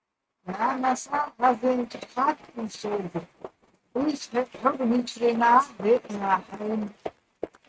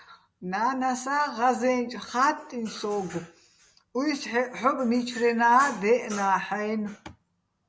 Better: second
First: noise reduction (neural mask model RNNoise)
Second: none

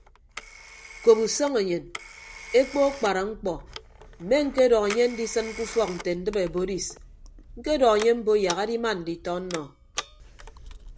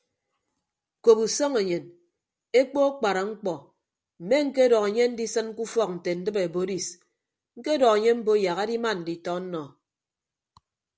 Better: second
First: background sound (Telephone); 15 dB below the speech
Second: none

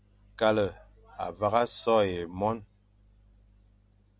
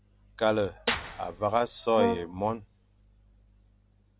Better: first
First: none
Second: background sound (Clapping / Drum kit + Brass instrument); 3 dB below the speech

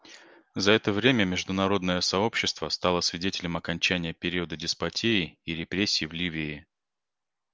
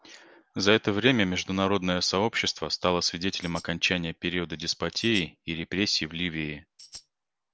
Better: first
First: none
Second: background sound (Tambourine); 19 dB below the speech

